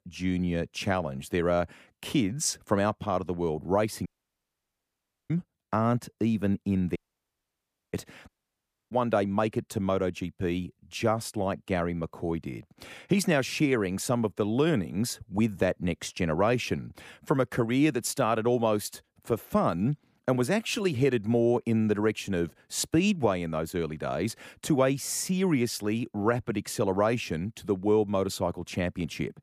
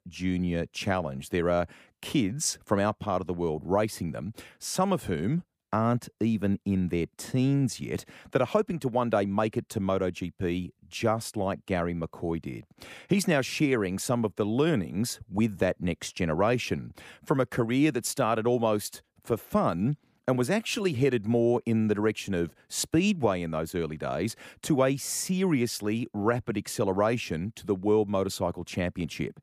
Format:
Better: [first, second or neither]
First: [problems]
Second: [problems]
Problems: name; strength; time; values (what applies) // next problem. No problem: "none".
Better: second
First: audio cutting out; at 4 s for 1 s, at 7 s for 1 s and at 8.5 s for 0.5 s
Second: none